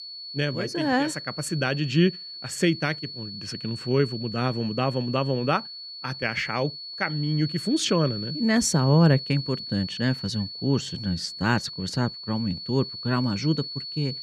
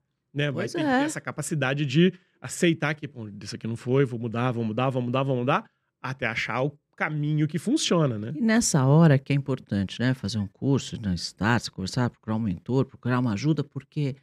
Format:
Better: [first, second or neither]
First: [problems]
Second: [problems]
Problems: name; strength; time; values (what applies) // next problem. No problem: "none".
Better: second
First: high-pitched whine; loud; throughout; 4.5 kHz, 9 dB below the speech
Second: none